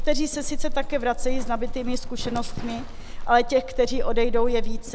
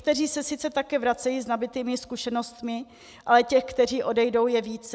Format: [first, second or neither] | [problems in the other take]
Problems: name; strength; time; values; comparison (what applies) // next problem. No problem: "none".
second | background sound (Livestock, farm animals, working animals); 2 dB above the speech